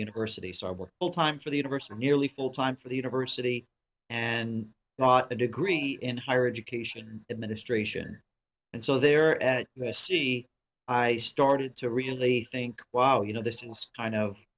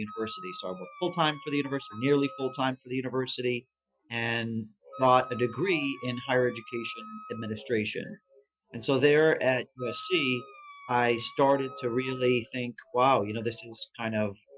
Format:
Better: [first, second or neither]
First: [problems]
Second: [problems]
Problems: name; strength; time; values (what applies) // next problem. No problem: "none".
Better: first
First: none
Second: noise reduction (classical method Wiener filter)